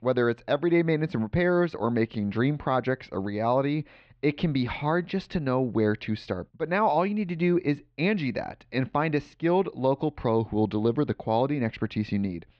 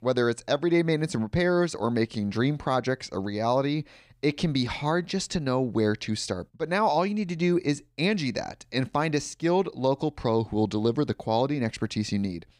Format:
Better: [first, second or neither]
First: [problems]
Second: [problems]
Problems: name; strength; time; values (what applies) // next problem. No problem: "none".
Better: second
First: muffled; slightly; fading above 3.5 kHz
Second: none